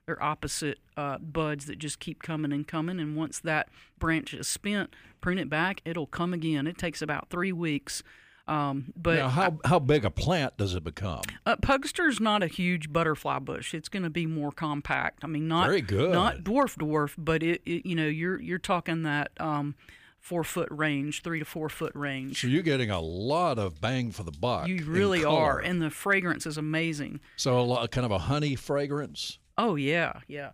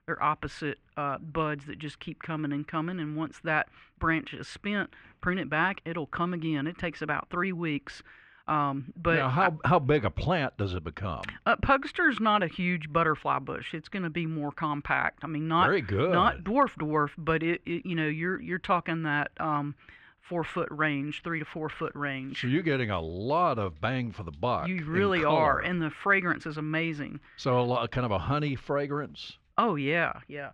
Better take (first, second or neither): first